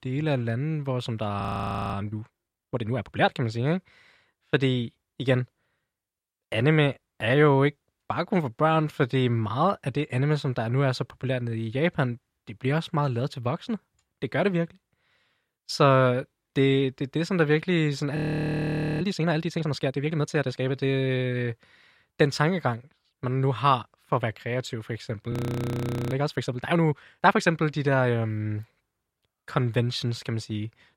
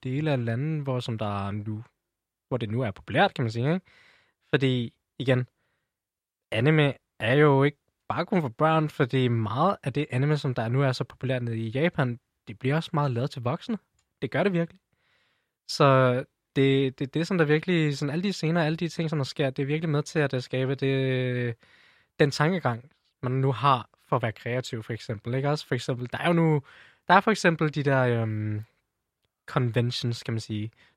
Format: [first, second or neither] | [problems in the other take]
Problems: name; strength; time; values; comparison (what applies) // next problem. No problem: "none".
second | audio freezing; at 1.5 s for 0.5 s, at 18 s for 1 s and at 25 s for 1 s